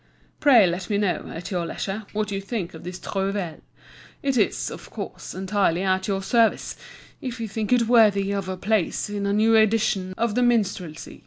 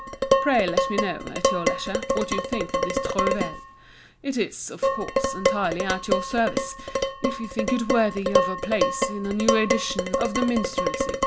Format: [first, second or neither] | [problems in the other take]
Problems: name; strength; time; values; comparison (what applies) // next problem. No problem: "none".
first | background sound (Dishes, pots, and pans); 2 dB above the speech